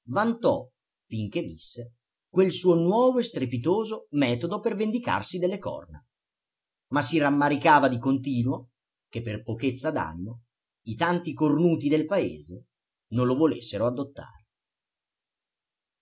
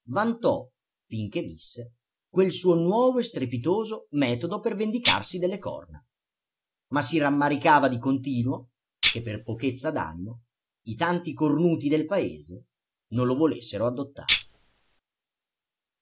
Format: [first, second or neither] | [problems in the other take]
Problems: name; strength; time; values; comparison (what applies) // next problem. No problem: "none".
first | background sound (Tambourine); 2 dB below the speech